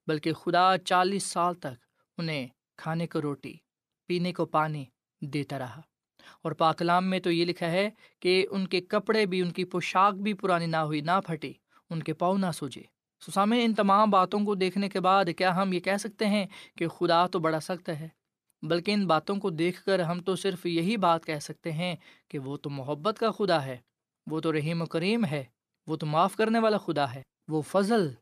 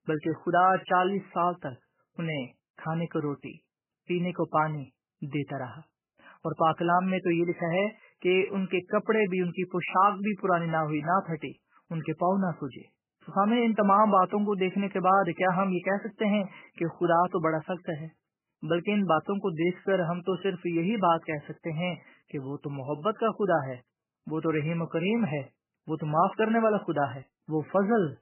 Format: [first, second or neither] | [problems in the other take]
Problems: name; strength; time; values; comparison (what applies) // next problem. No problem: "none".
first | garbled, watery; badly; nothing above 3 kHz